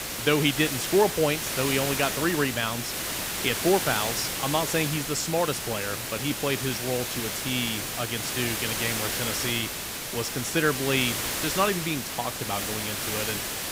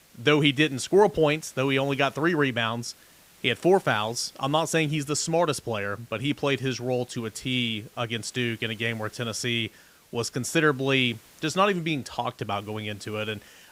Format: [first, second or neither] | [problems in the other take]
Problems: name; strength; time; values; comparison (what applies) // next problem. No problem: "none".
second | hiss; loud; throughout; 1 dB below the speech; faint in the second